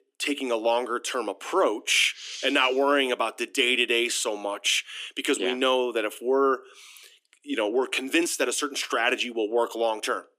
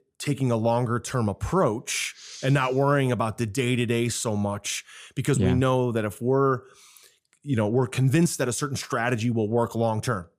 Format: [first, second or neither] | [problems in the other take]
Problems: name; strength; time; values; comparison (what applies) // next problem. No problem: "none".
second | thin; somewhat; fading below 300 Hz